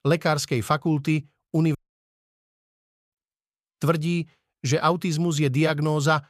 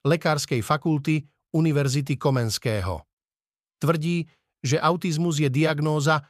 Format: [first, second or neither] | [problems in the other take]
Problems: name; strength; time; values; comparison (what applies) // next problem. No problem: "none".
second | audio cutting out; at 2 s for 1.5 s